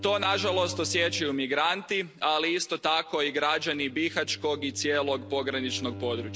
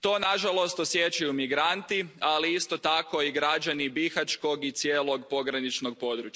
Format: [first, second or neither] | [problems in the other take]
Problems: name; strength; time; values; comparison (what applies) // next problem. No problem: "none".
second | background sound (Bowed string instrument); 15 dB below the speech